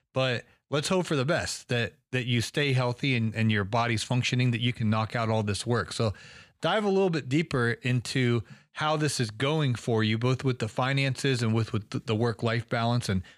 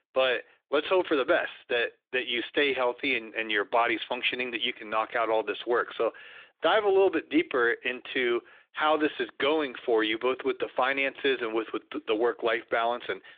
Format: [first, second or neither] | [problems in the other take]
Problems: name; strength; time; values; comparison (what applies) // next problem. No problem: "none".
first | phone-call audio